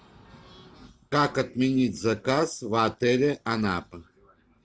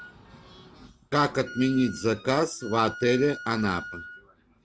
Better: first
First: none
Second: background sound (Wind instrument, woodwind instrument); 16 dB below the speech

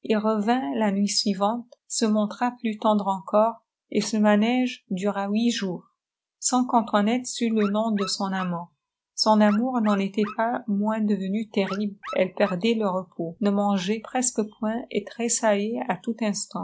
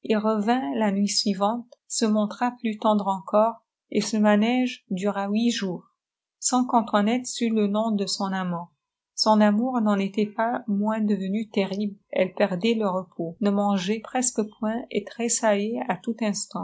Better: second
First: background sound (Dog); 16 dB below the speech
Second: none

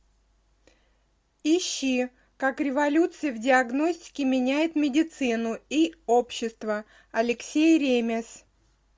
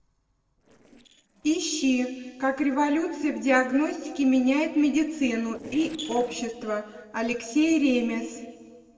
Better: first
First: none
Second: noise reduction (neural separator model SepFormer DNS4)

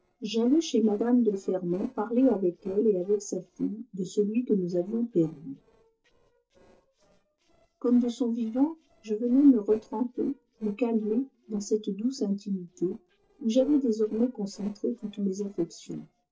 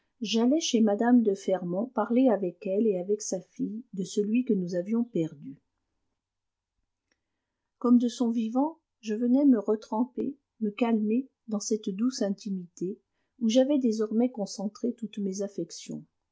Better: second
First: noise reduction (neural separator model SepFormer DNS4)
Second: none

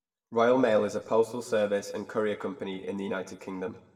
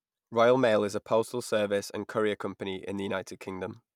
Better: second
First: room echo; dies away in 0.8 s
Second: none

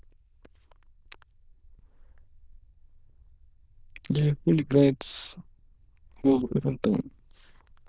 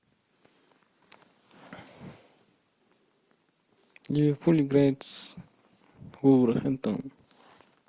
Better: second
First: noise reduction (neural diffusion model UNIVERSE++)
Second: none

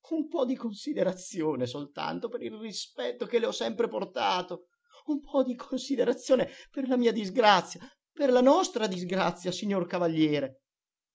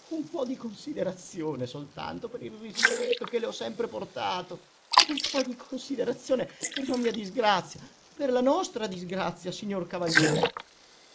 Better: first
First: none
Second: noise reduction (neural mask model Resemble Enhance denoiser)

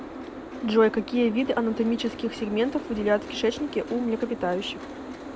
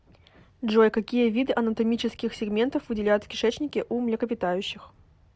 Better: second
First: background sound (Boat, Water vehicle); 11 dB below the speech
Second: none

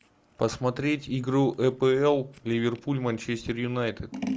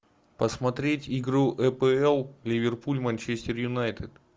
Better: second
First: background sound (Scissors); 15 dB below the speech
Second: none

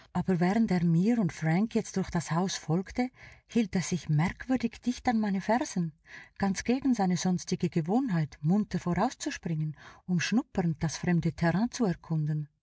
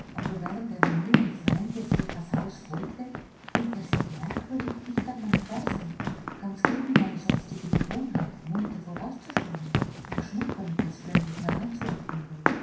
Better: first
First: none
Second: background sound (Run); 5 dB above the speech // room echo; dies away in 0.6 s

